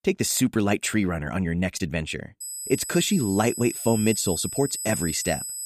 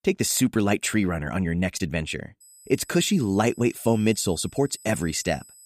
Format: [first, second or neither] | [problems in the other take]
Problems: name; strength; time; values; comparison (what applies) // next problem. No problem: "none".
second | high-pitched whine; loud; from 2.5 s on; 8 kHz, 6 dB below the speech; faint in the second